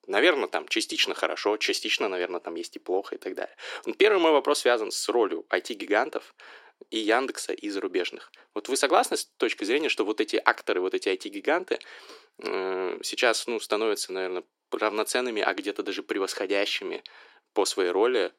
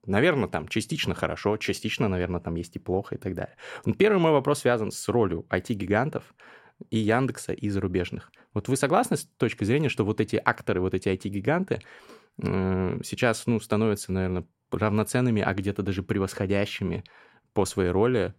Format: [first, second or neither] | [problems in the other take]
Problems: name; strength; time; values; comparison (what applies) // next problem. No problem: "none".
second | thin; very; fading below 300 Hz